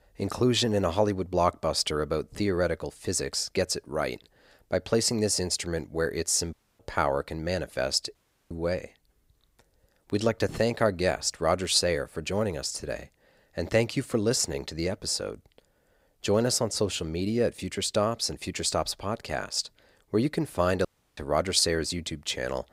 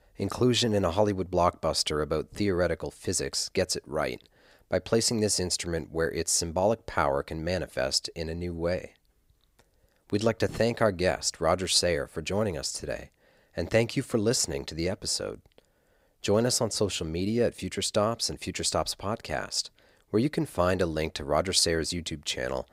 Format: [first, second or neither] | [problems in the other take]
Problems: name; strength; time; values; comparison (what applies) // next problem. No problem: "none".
second | audio cutting out; at 6.5 s, at 8 s and at 21 s